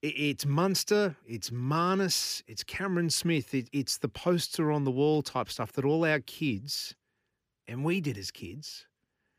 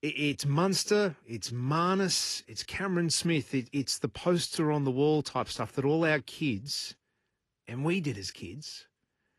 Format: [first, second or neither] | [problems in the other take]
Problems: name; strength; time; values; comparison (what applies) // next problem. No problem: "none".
first | garbled, watery; slightly; nothing above 11.5 kHz